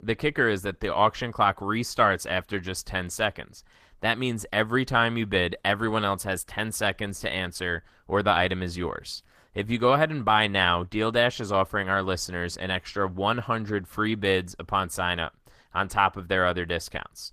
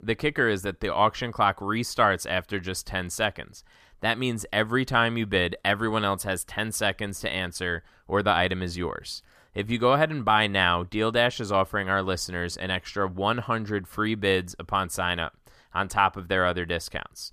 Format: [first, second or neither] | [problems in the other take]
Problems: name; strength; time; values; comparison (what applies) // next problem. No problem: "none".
second | garbled, watery; slightly; nothing above 14.5 kHz